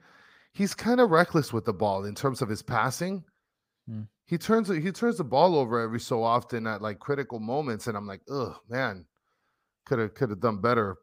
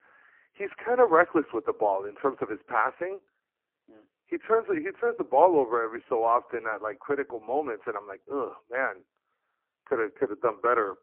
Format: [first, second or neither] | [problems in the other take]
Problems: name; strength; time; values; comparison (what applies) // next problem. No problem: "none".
first | phone-call audio; poor line